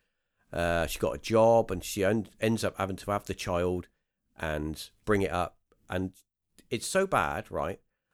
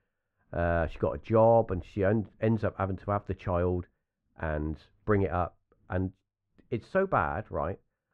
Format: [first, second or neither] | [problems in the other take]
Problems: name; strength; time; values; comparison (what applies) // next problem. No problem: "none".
first | muffled; very; fading above 1.5 kHz